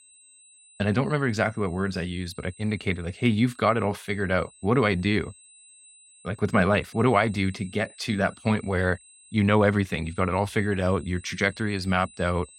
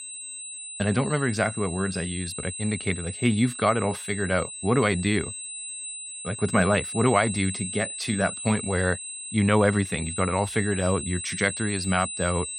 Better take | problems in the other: first | high-pitched whine; loud; throughout; 8 kHz, 8 dB below the speech; faint in the first

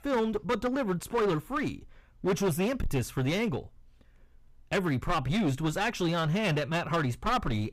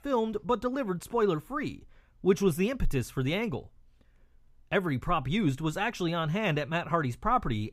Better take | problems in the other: second | distortion; heavy; 14% of the sound clipped

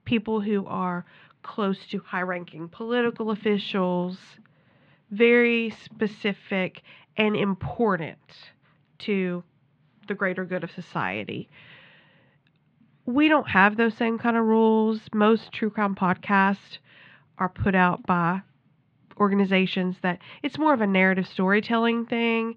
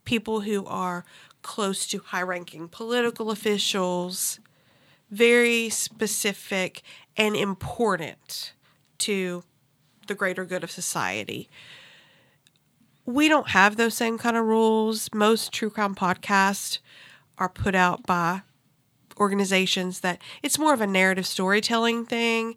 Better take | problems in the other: second | muffled; very; fading above 3 kHz

